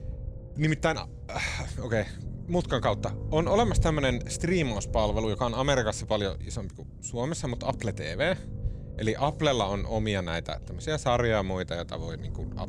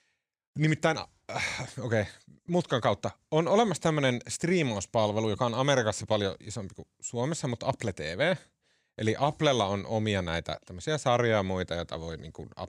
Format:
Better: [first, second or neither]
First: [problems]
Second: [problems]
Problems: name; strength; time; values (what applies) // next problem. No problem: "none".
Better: second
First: low rumble; noticeable; throughout; 20 dB below the speech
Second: none